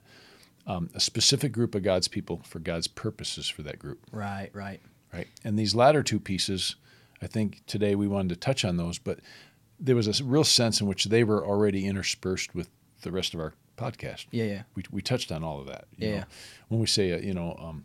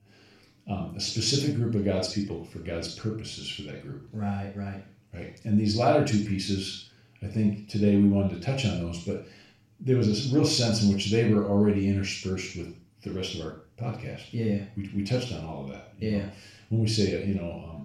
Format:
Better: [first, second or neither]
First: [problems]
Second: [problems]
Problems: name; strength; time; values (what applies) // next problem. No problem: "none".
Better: first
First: none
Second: room echo; noticeable; dies away in 0.4 s // off-mic speech; far